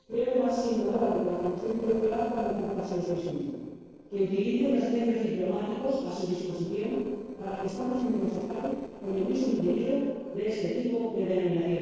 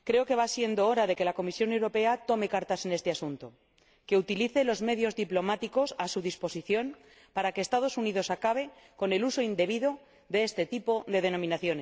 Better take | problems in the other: second | noise reduction (neural separator model SepFormer DNS4)

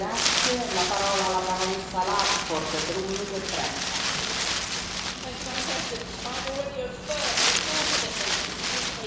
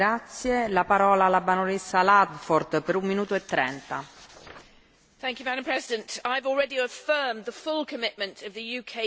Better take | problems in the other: second | background sound (Wind); 3 dB above the speech // room echo; dies away in 1 s

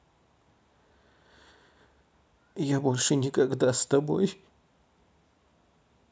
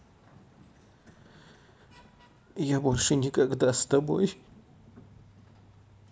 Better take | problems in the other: first | background sound (Sliding door); 19 dB below the speech

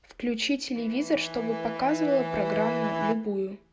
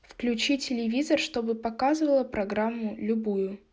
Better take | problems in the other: second | background sound (Bowed string instrument); 4 dB below the speech

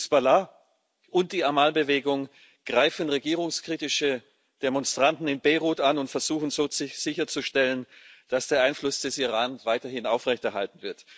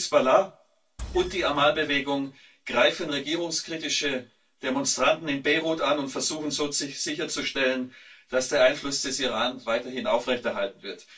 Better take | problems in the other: first | background sound (Engine); 14 dB below the speech // room echo; dies away in 0.2 s

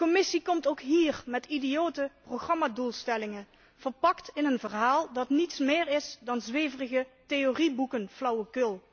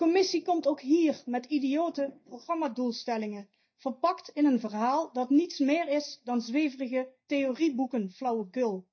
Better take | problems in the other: first | noise reduction (neural mask model DeepFilterNet 3)

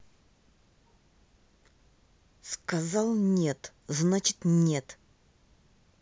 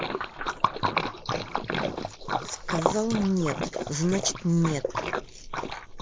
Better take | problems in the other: first | noise reduction (neural mask model Resemble Enhance denoiser)

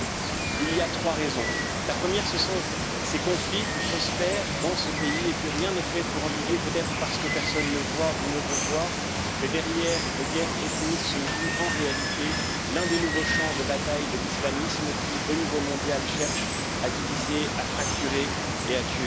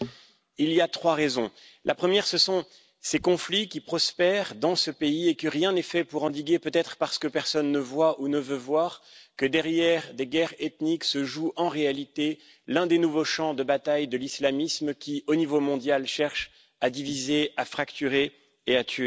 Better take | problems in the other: second | background sound (Water); 2 dB above the speech

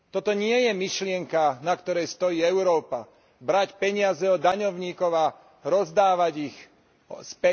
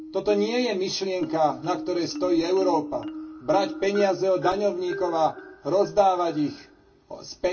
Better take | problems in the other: first | background sound (Marimba, xylophone); 11 dB below the speech // room echo; dies away in 0.2 s

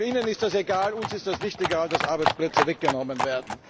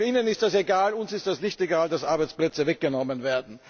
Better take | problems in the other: second | background sound (Livestock, farm animals, working animals); 3 dB below the speech

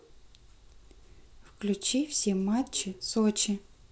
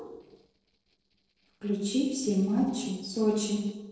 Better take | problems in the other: first | noise reduction (neural separator model SepFormer DNS4)

